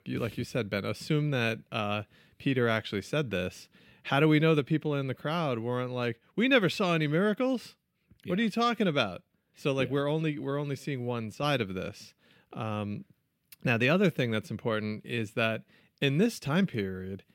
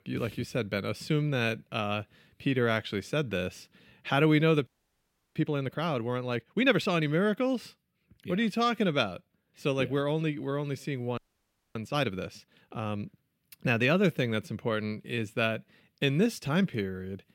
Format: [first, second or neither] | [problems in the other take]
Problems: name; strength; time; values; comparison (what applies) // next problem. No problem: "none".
first | audio freezing; at 4.5 s for 0.5 s and at 11 s for 0.5 s